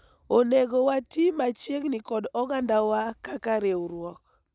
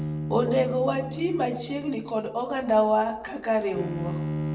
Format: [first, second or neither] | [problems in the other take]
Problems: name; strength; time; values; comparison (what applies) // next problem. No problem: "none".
first | background sound (Bowed string instrument); 8 dB below the speech // room echo; dies away in 0.6 s